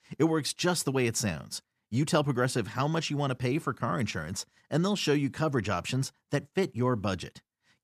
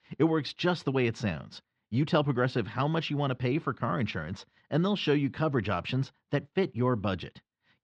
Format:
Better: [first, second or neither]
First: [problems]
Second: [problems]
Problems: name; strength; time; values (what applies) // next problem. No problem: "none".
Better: first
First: none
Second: muffled; slightly; fading above 4 kHz